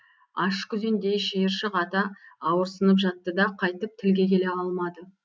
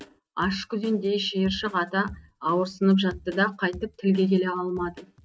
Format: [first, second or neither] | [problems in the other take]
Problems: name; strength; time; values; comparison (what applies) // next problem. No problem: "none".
first | noise reduction (neural mask model RNNoise)